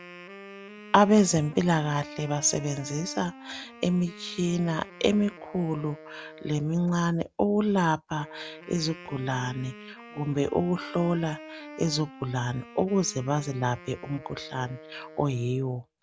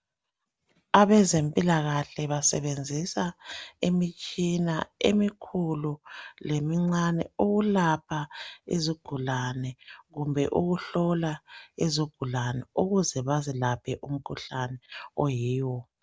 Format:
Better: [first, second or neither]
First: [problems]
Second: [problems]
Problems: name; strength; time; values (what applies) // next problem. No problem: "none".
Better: second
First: background sound (Wind instrument, woodwind instrument); 18 dB below the speech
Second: none